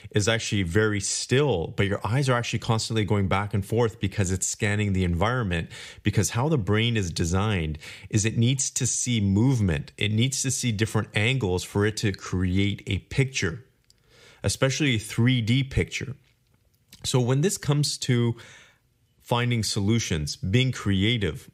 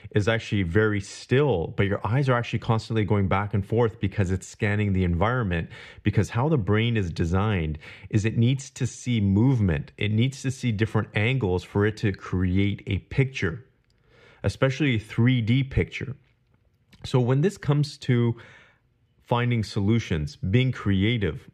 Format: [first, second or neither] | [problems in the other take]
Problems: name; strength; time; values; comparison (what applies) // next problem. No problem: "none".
first | muffled; slightly; fading above 4 kHz